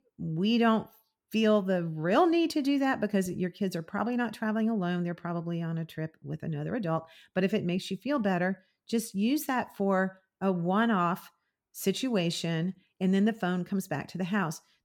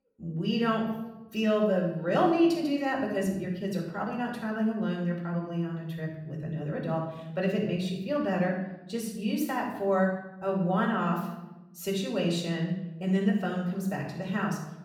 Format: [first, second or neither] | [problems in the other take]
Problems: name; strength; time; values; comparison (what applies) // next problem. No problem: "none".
first | off-mic speech; far // room echo; noticeable; dies away in 0.8 s